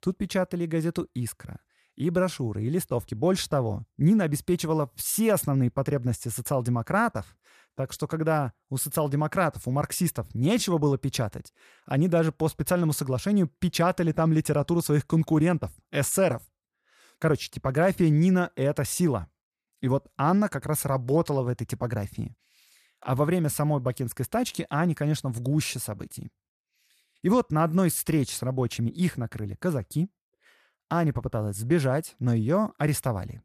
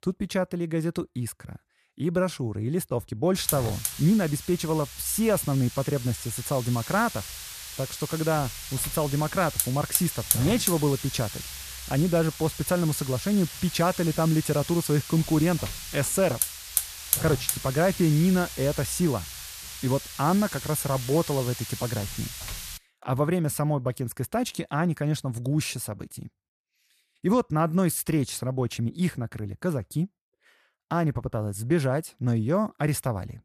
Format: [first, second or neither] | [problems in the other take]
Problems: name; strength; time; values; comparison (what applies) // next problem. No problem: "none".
first | hiss; loud; from 3.5 to 23 s; 6 dB below the speech